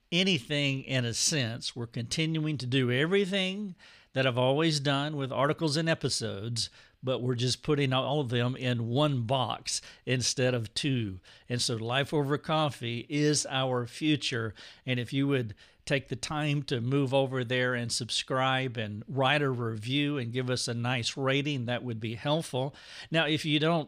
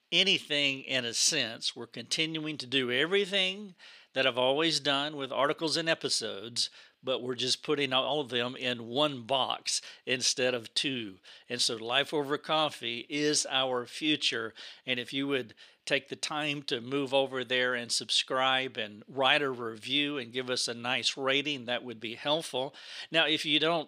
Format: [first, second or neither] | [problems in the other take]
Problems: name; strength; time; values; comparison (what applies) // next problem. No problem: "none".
first | thin; somewhat; fading below 300 Hz